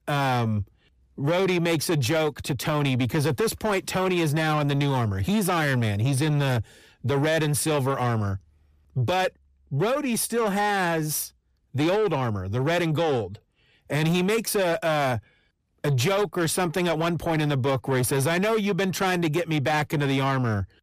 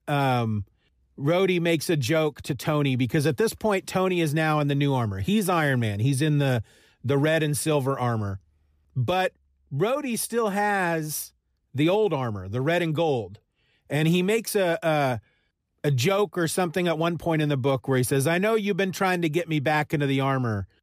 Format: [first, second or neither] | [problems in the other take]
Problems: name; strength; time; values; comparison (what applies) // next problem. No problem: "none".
second | distortion; slight; 10 dB below the speech